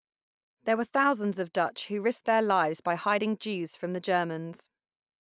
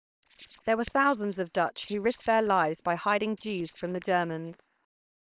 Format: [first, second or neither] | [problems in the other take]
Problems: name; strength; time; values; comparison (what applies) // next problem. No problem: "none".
first | noise reduction (neural separator model SepFormer WHAM!)